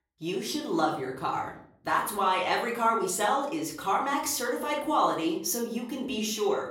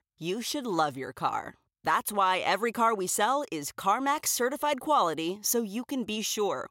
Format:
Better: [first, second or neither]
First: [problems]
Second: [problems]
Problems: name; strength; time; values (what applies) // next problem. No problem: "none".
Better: second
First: off-mic speech; far // room echo; slight; dies away in 0.5 s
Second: none